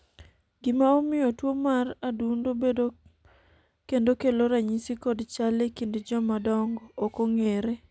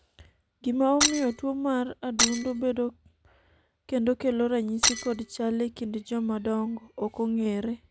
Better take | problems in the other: first | background sound (Shatter); 1 dB below the speech

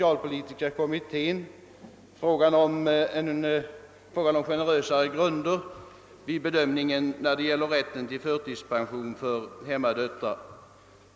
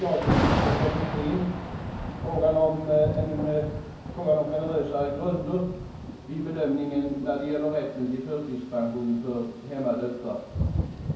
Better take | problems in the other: first | background sound (Thunder / Rain); 3 dB below the speech // room echo; dies away in 0.9 s

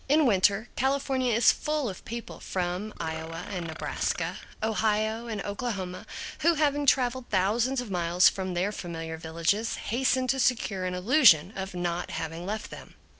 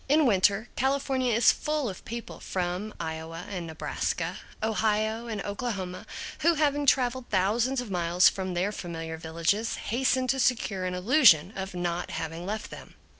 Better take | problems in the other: second | background sound (Burping, eructation); 15 dB below the speech

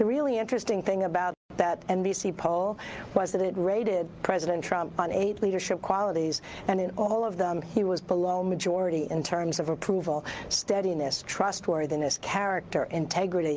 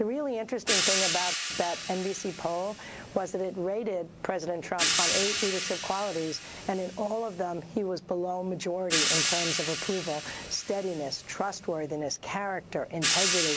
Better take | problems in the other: first | background sound (Hi-hat); 1 dB below the speech

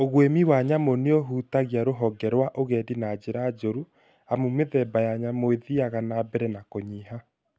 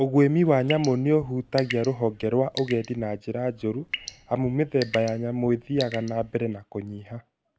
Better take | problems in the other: first | background sound (Drip / Sink (filling or washing) / Water tap, faucet / Water); 15 dB below the speech

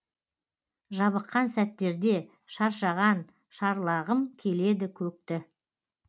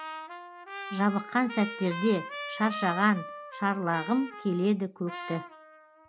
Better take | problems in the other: first | background sound (Trumpet); 11 dB below the speech

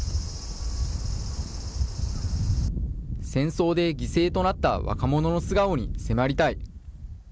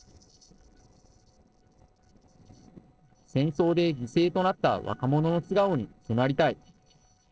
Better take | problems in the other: first | noise reduction (neural separator model SepFormer DNS4)

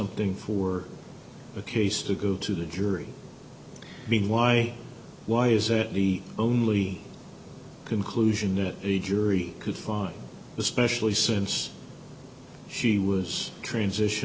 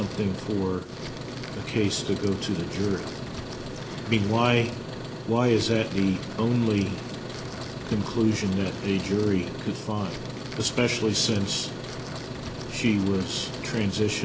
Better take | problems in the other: first | background sound (Truck); 8 dB below the speech

